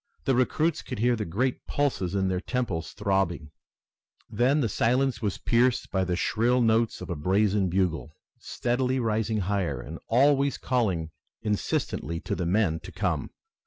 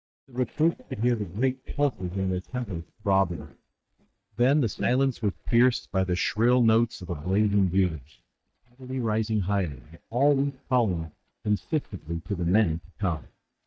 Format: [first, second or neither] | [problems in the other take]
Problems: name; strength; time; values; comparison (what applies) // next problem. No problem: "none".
first | noise reduction (neural mask model DeepFilterNet 3)